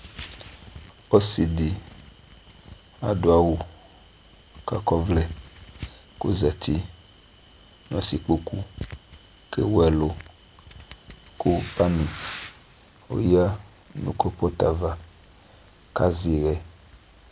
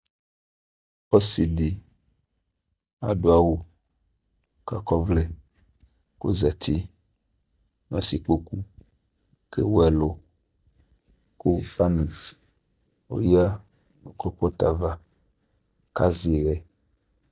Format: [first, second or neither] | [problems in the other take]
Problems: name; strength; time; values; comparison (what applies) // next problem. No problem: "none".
first | noise reduction (neural mask model DeepFilterNet 3)